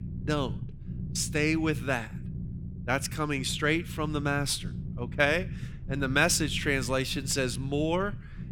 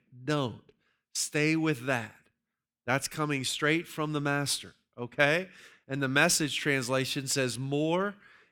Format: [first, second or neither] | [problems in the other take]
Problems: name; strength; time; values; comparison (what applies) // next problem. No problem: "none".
second | low rumble; faint; throughout; 20 dB below the speech